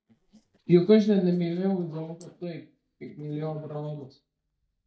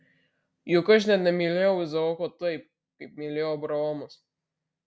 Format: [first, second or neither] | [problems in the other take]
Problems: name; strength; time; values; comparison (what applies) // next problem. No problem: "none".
second | noise reduction (neural mask model DeepFilterNet 3)